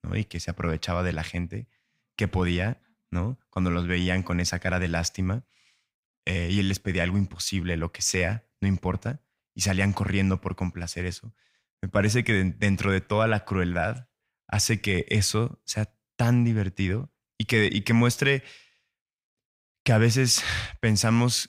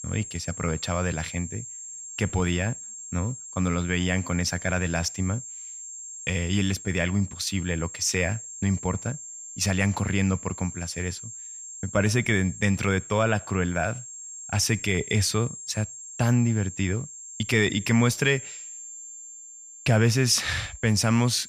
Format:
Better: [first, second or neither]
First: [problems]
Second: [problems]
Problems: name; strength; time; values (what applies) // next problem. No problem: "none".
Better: first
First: none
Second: high-pitched whine; noticeable; throughout; 7.5 kHz, 10 dB below the speech